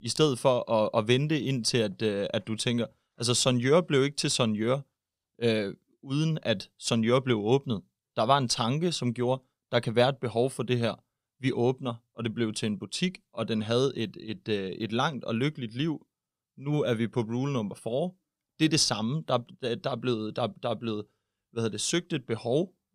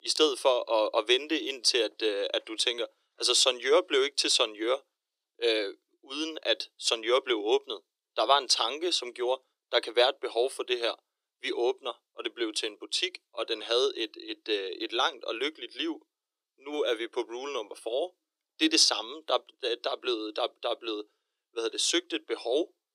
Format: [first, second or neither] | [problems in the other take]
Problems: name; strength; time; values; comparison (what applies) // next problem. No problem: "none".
first | thin; very; fading below 300 Hz